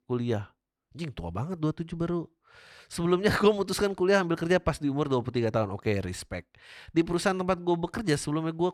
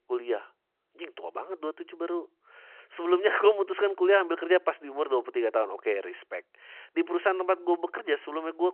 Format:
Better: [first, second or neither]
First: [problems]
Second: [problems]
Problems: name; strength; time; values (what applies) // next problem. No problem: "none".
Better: first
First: none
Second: phone-call audio